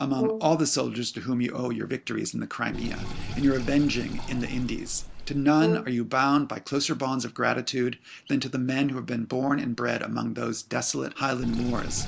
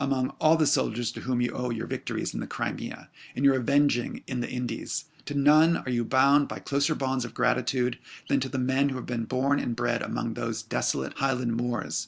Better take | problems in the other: second | background sound (Sink (filling or washing) + Brass instrument); 9 dB below the speech

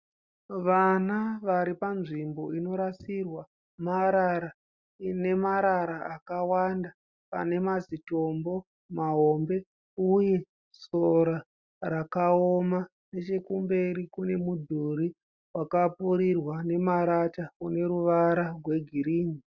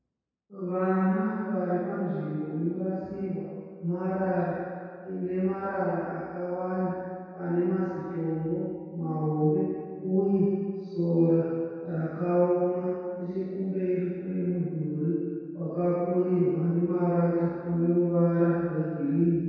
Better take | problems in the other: first | room echo; dies away in 2 s

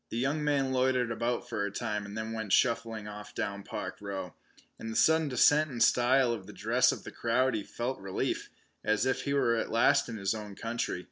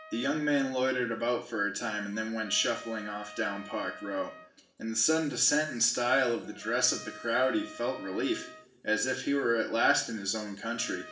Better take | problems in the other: first | background sound (Trumpet); 20 dB below the speech // room echo; dies away in 0.7 s

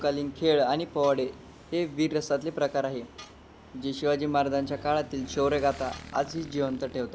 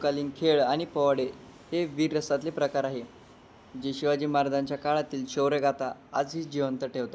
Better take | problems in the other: second | background sound (Motorcycle / Engine + Tools); 19 dB below the speech

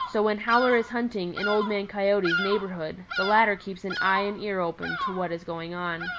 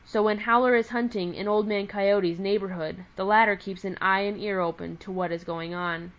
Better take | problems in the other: second | background sound (Bird vocalization, bird call, bird song); 7 dB below the speech

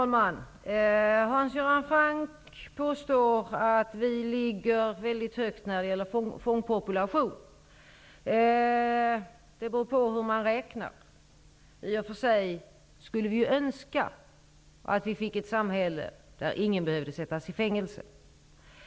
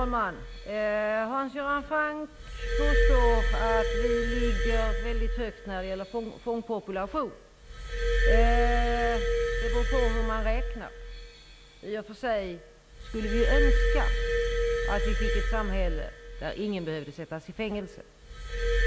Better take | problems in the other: first | background sound (Glass); 5 dB above the speech

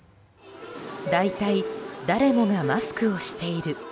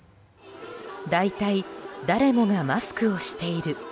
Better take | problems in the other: second | background sound (Subway, metro, underground); 6 dB below the speech

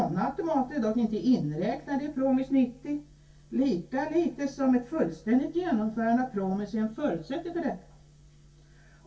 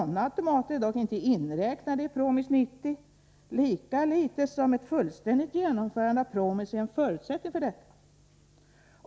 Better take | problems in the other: second | room echo; dies away in 0.1 s

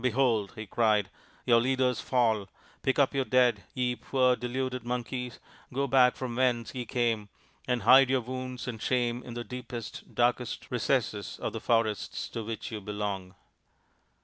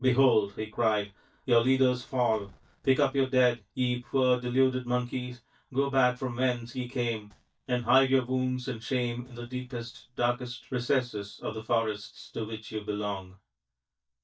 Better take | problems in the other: first | noise reduction (neural mask model DeepFilterNet 3)

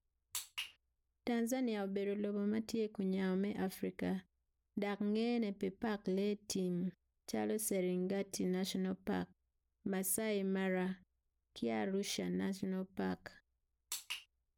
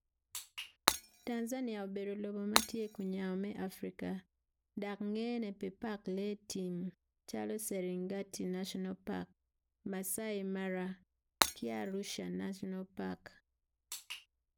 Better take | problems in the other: first | background sound (Shatter); 4 dB above the speech

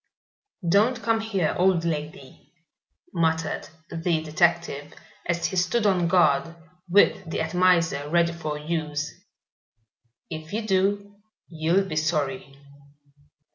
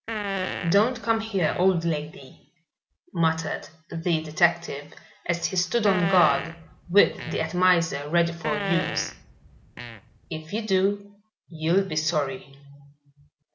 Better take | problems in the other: first | background sound (Fart); 7 dB below the speech

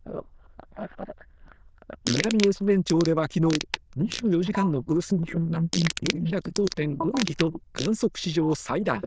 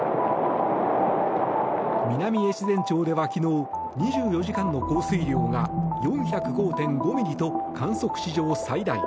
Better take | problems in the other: second | noise reduction (neural diffusion model UNIVERSE++)

